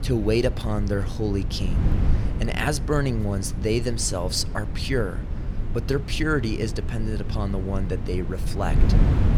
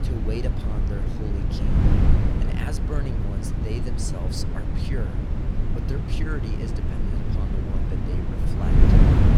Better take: first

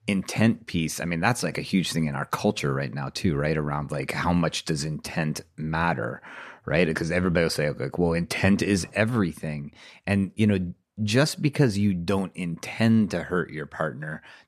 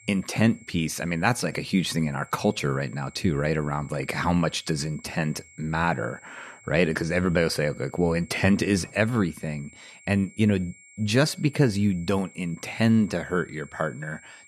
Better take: first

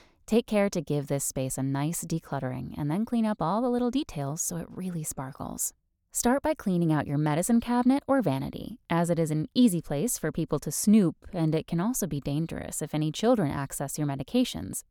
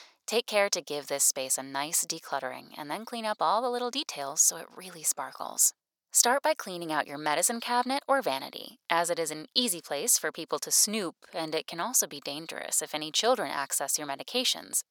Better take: first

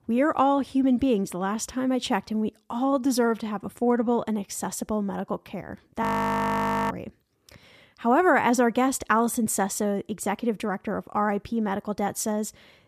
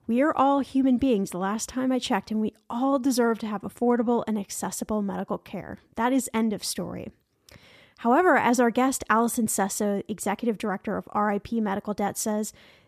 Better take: second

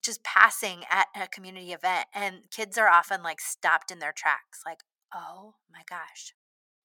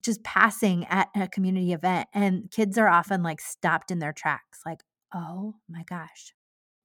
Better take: second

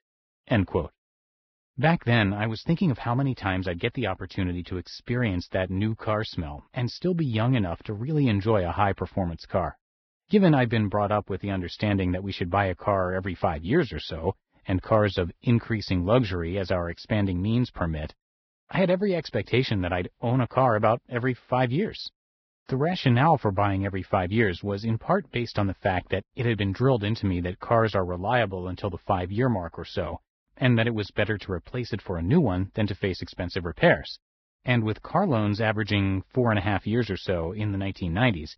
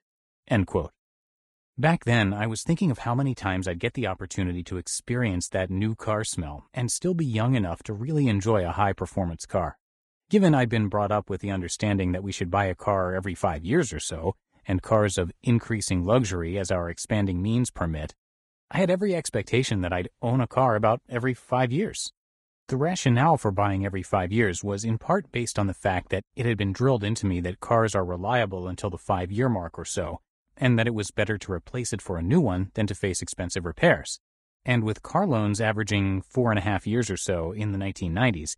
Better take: second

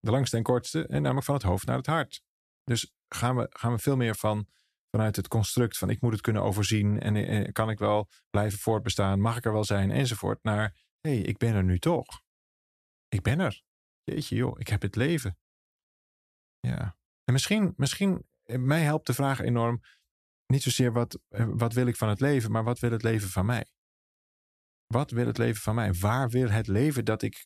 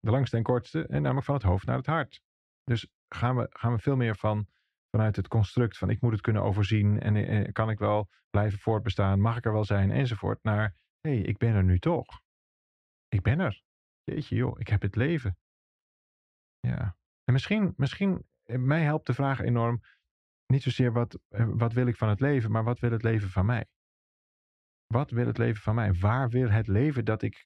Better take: first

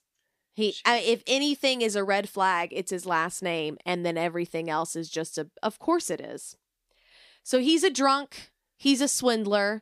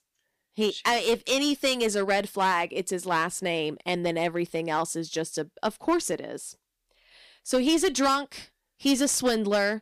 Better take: first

